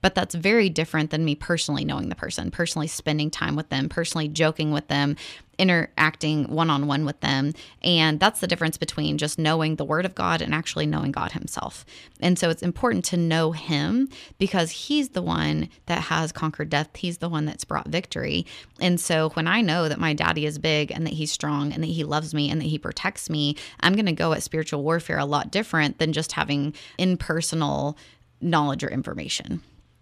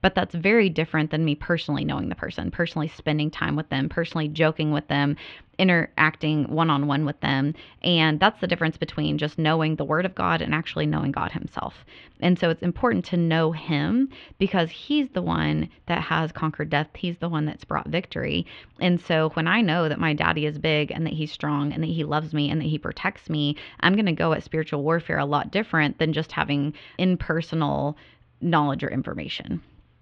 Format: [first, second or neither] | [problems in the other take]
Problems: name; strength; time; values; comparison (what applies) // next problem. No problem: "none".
first | muffled; slightly; fading above 3 kHz